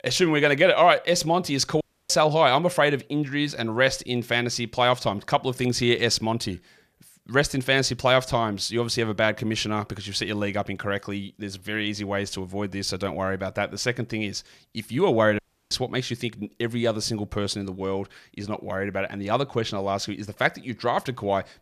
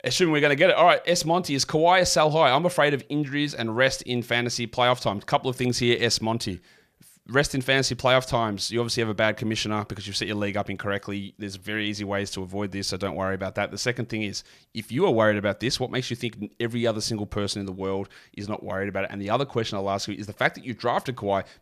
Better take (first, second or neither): second